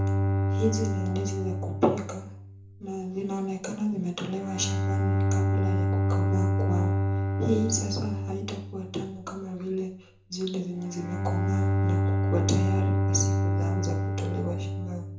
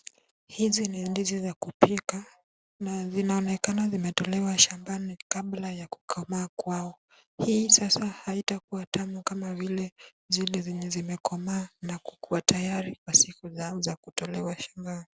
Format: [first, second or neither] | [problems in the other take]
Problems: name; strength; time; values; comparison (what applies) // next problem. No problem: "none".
second | background sound (Bowed string instrument); 5 dB above the speech // room echo; dies away in 0.6 s